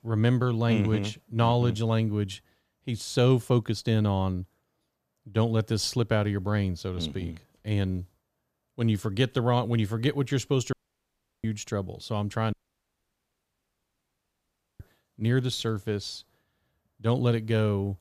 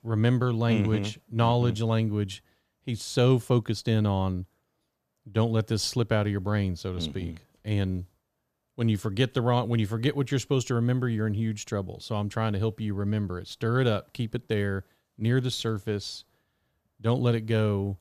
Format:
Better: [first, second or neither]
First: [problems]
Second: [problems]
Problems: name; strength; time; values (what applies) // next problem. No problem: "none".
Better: second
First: audio cutting out; at 11 s for 0.5 s and at 13 s for 2.5 s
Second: none